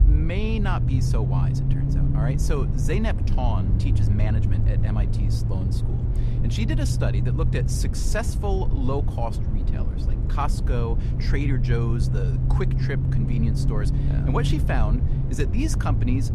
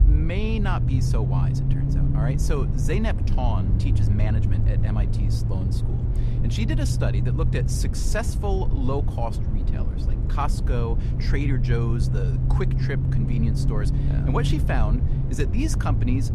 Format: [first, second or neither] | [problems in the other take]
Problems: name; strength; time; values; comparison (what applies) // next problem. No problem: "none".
neither | low rumble; loud; throughout; 4 dB below the speech; the same in both